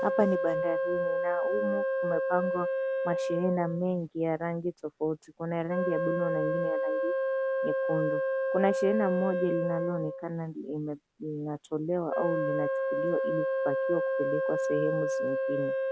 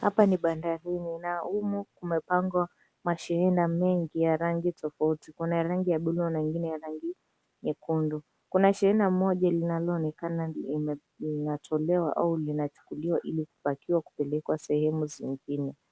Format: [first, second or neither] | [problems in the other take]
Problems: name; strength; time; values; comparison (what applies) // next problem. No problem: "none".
second | background sound (Wind instrument, woodwind instrument); 2 dB above the speech